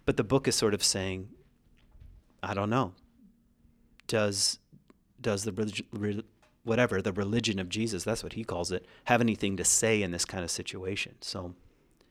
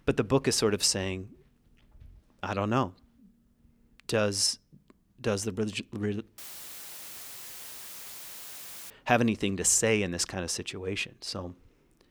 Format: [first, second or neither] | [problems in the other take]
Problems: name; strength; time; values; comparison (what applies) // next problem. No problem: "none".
first | audio cutting out; filled with static; at 6.5 s for 2.5 s